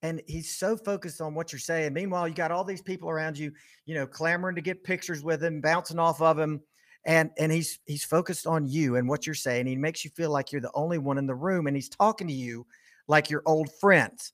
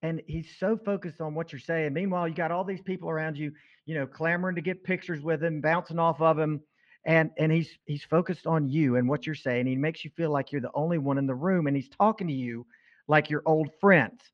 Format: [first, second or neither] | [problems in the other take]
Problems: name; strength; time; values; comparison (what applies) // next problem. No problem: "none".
first | muffled; very; fading above 3 kHz